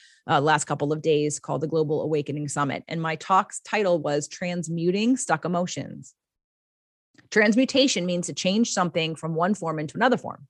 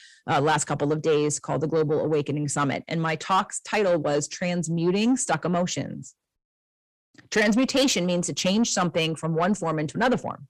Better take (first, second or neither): first